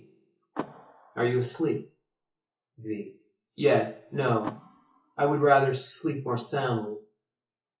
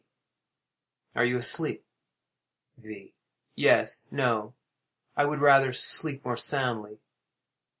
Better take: second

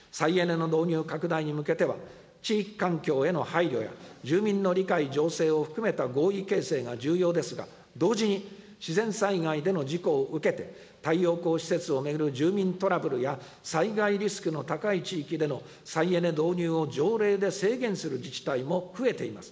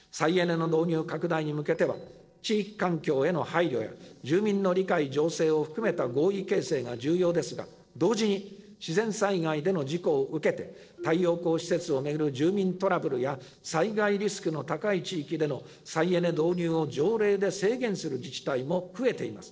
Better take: first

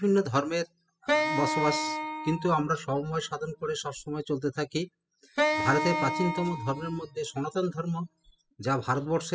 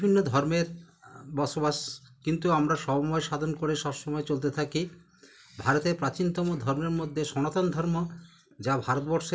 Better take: second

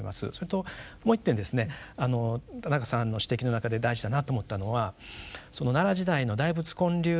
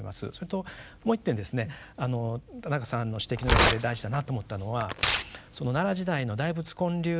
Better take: first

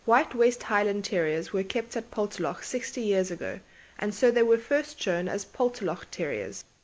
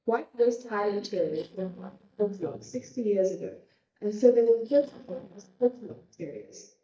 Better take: first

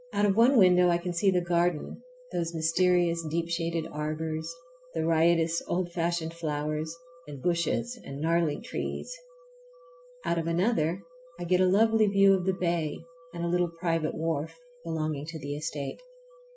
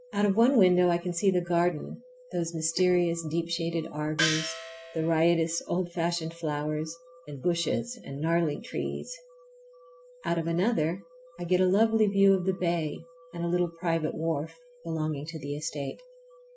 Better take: first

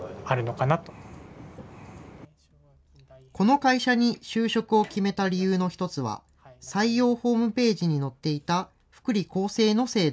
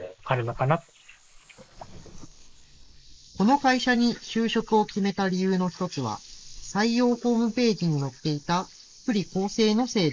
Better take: first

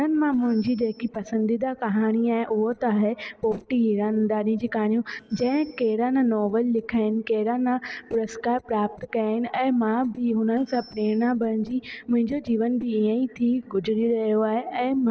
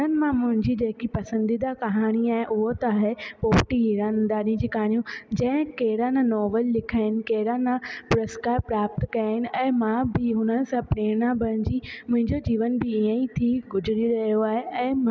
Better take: second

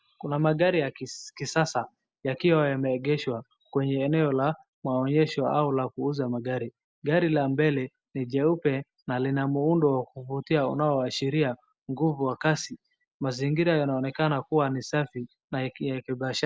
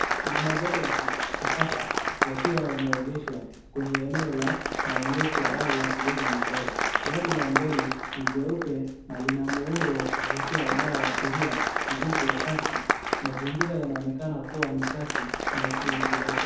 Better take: first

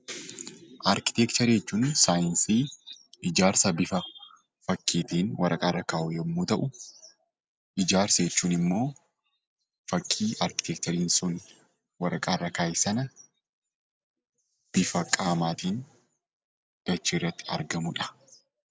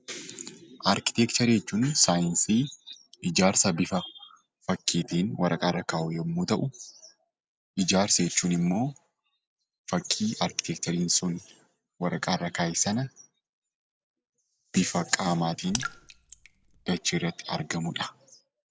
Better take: first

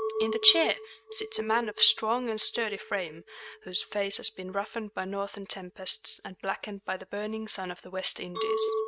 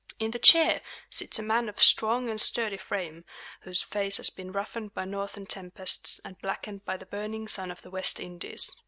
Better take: second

